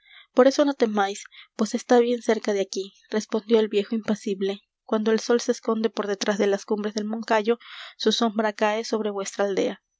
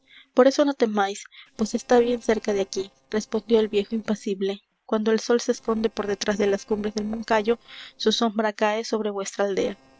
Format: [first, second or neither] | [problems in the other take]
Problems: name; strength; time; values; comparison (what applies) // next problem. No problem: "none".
first | noise reduction (neural separator model SepFormer DNS4)